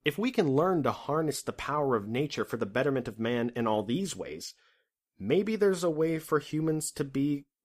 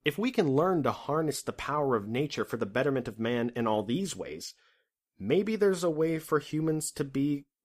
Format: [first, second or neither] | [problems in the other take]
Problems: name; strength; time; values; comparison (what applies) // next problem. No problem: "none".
neither | none